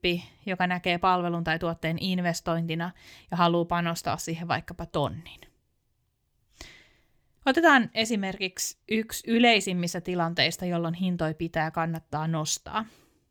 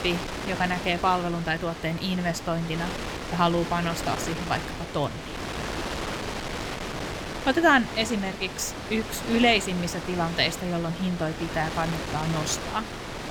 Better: first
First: none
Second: wind noise on the microphone; heavy; 7 dB below the speech

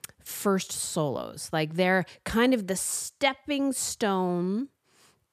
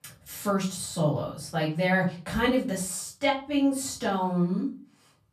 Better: first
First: none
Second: off-mic speech; far // room echo; slight; dies away in 0.4 s

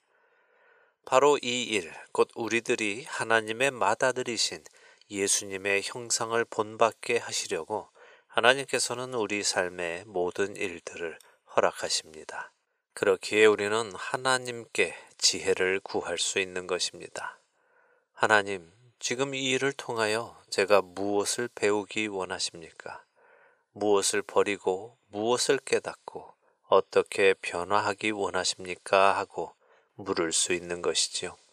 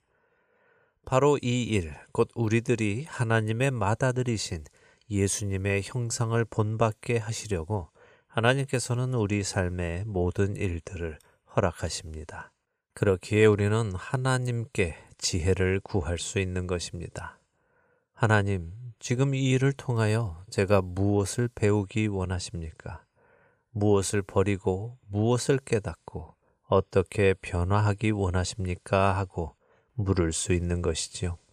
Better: second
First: thin; very; fading below 450 Hz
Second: none

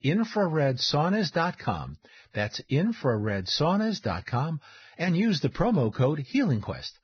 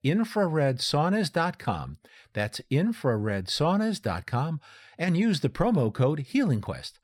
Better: second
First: garbled, watery; badly; nothing above 6 kHz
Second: none

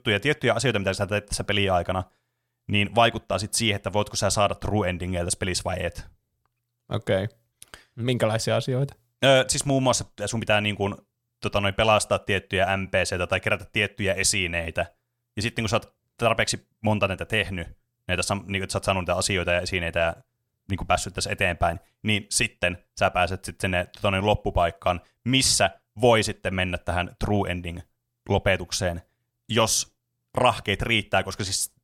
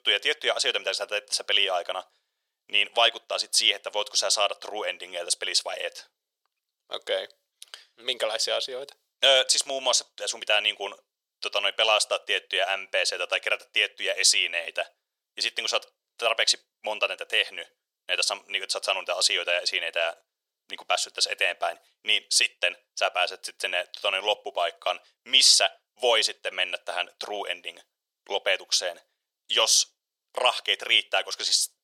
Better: first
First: none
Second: thin; very; fading below 450 Hz

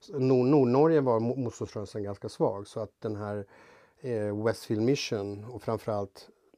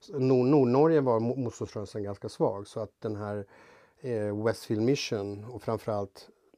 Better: neither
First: none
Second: none

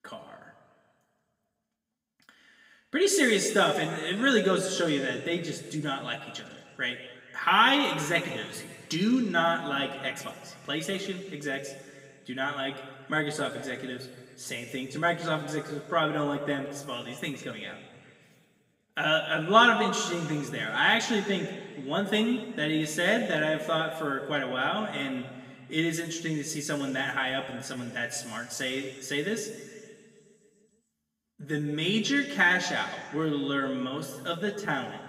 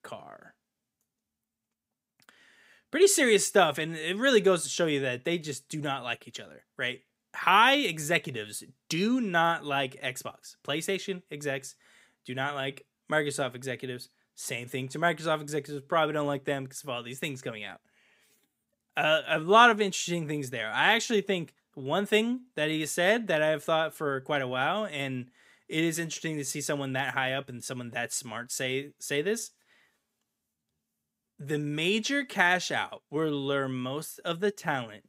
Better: second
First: room echo; slight; dies away in 1.9 s // off-mic speech; somewhat distant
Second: none

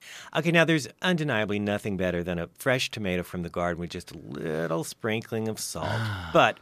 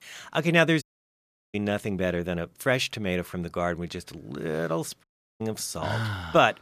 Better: first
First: none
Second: audio cutting out; at 1 s for 0.5 s and at 5 s

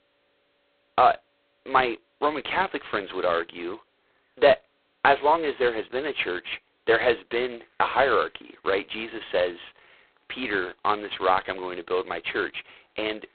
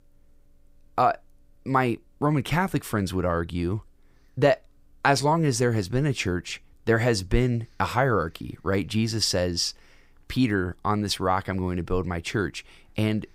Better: second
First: phone-call audio; poor line; nothing above 4 kHz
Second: none

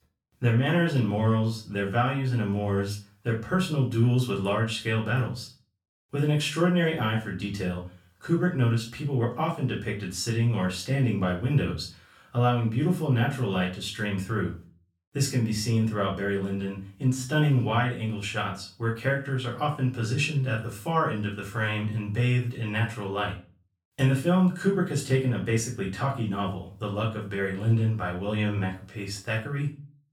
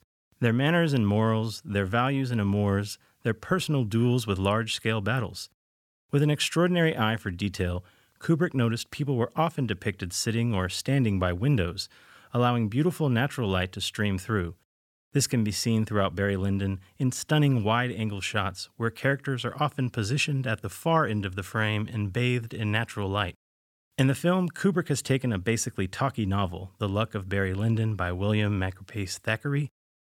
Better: second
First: room echo; slight; dies away in 0.3 s // off-mic speech; far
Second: none

